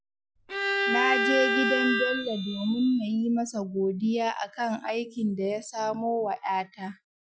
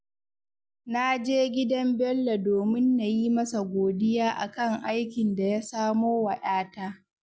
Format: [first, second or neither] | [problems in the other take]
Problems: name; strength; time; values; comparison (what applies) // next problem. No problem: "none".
second | noise reduction (classical method Wiener filter)